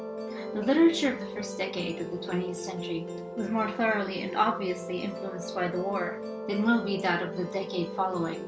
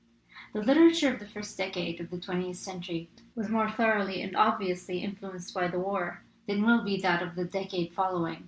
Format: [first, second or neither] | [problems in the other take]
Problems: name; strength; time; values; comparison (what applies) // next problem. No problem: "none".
second | background sound (Musical instrument); 8 dB below the speech